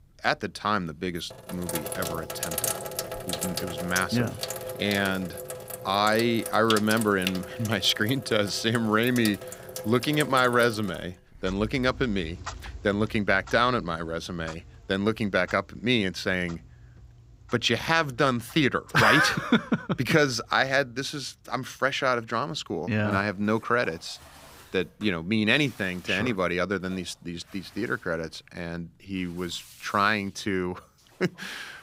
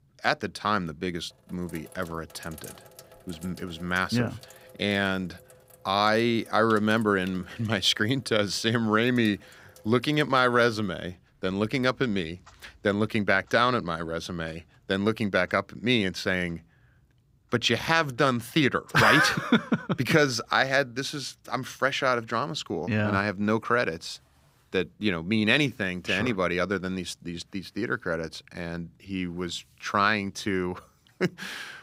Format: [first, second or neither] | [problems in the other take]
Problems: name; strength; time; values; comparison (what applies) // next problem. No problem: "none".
second | household noises; loud; throughout; 9 dB below the speech; faint in the second